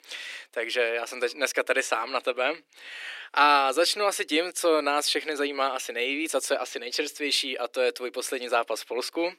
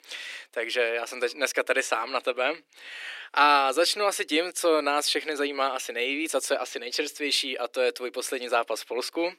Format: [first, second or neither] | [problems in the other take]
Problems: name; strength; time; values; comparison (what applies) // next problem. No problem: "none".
neither | thin; somewhat; fading below 300 Hz; the same in both